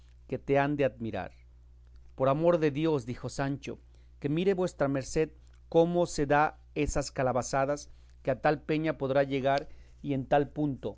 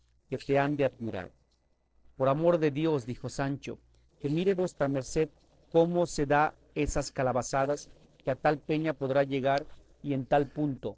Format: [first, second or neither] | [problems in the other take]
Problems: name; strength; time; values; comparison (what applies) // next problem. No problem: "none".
first | noise reduction (neural separator model SepFormer DNS4)